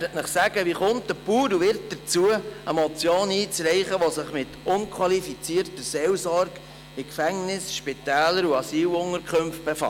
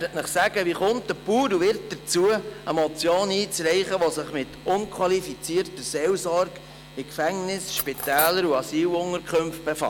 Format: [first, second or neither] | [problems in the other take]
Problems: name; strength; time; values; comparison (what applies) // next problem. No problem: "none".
first | background sound (Cutlery, silverware); 7 dB below the speech